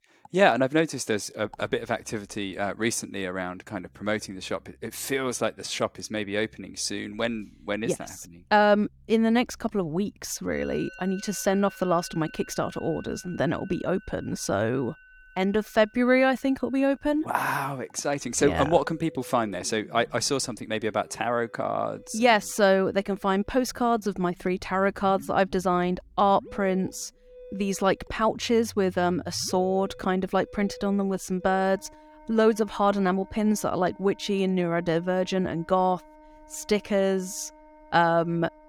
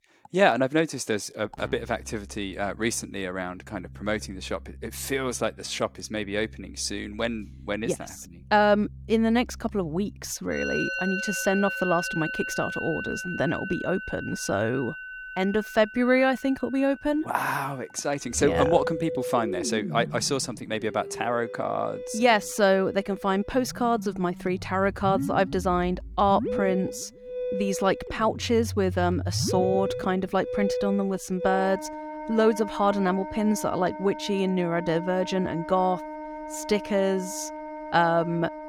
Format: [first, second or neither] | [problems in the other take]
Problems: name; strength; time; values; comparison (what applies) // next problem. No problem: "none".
first | background music; loud; throughout; 8 dB below the speech; faint in the first